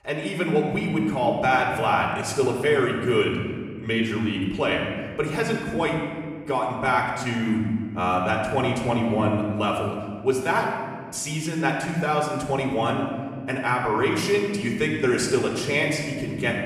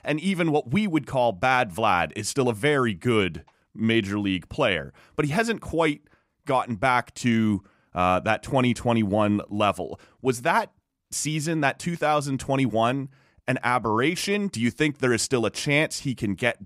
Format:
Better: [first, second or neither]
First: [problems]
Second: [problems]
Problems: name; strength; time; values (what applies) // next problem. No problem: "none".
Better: second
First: room echo; noticeable; dies away in 1.5 s // off-mic speech; somewhat distant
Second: none